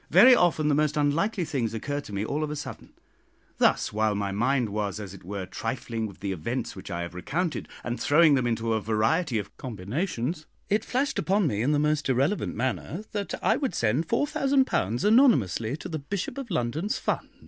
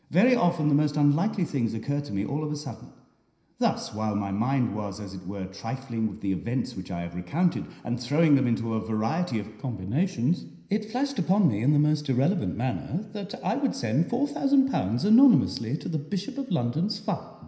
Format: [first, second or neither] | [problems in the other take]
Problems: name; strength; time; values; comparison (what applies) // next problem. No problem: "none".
first | room echo; dies away in 0.9 s